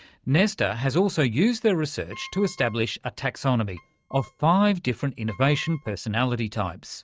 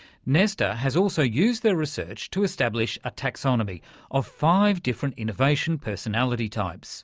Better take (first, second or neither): second